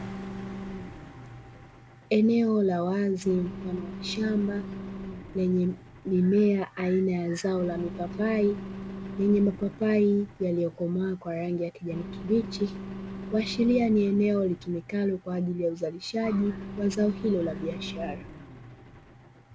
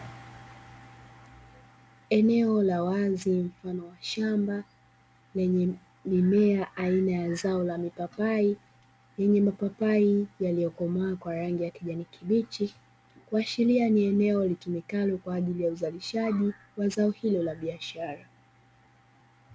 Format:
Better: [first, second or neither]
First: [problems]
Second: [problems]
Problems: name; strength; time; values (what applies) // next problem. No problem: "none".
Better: second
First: background sound (Engine); 12 dB below the speech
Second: none